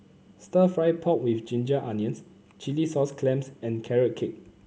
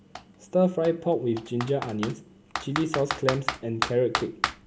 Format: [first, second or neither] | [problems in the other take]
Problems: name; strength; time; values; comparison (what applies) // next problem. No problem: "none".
first | background sound (Computer keyboard); 7 dB below the speech